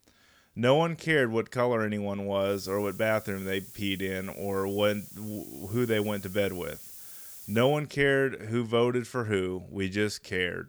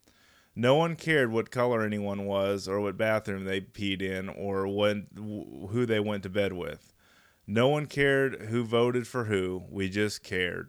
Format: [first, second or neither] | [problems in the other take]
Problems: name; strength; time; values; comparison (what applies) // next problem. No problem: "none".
second | hiss; noticeable; from 2.5 to 7.5 s; 15 dB below the speech